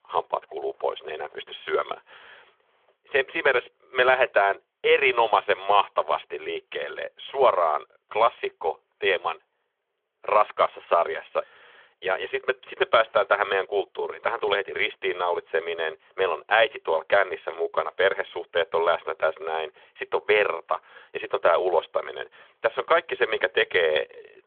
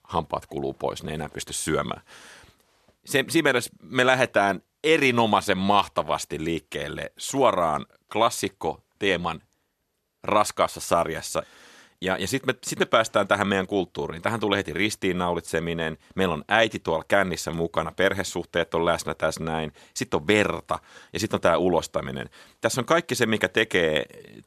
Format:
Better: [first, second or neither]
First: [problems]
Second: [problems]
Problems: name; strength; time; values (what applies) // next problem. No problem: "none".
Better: second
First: phone-call audio; nothing above 3.5 kHz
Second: none